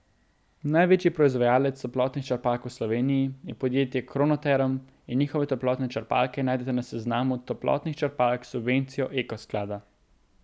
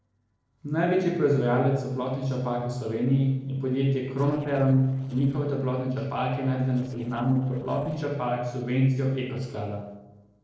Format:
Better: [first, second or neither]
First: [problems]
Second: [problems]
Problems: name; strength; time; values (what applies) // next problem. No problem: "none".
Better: first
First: none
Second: noise reduction (neural separator model SepFormer DNS4)